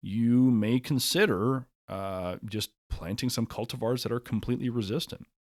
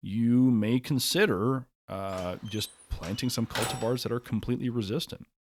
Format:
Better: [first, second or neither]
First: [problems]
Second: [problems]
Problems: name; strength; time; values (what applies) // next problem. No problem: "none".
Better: first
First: none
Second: door banging; noticeable; from 2 to 4 s; peak 4 dB below the speech